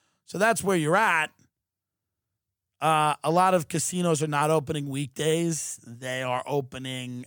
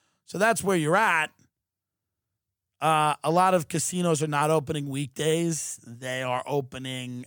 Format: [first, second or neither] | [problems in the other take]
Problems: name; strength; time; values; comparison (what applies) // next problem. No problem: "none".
neither | none